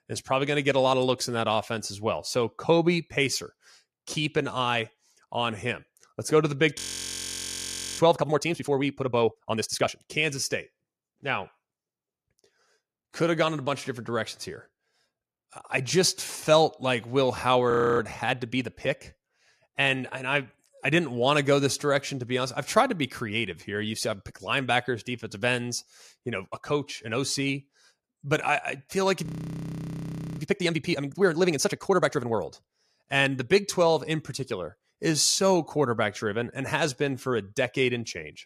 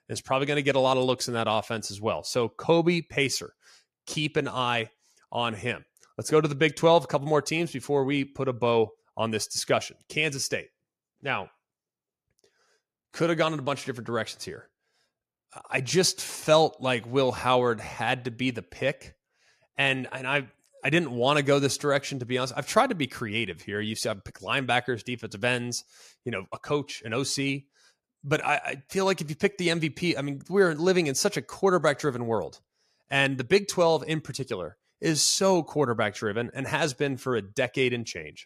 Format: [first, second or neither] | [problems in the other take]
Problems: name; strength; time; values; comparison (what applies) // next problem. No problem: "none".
second | audio freezing; at 7 s for 1 s, at 18 s and at 29 s for 1 s